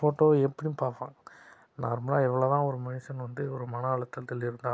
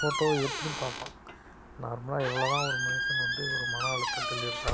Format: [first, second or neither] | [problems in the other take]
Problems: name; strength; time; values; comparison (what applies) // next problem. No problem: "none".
first | background sound (Squeak); 1 dB above the speech